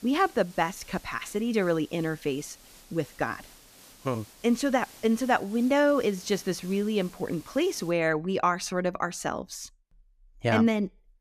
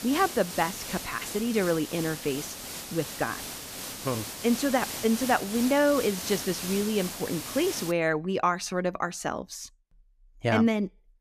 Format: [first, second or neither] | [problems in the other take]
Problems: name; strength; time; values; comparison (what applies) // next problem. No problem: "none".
first | hiss; loud; until 8 s; 7 dB below the speech; faint in the first